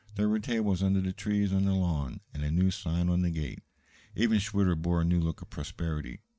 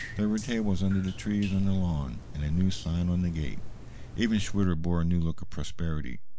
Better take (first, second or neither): first